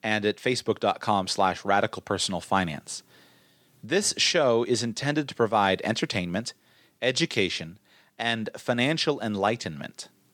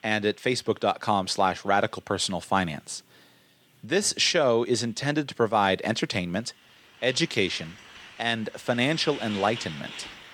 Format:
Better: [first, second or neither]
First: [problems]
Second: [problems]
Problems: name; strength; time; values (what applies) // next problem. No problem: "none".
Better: first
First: none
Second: traffic noise; noticeable; throughout; 15 dB below the speech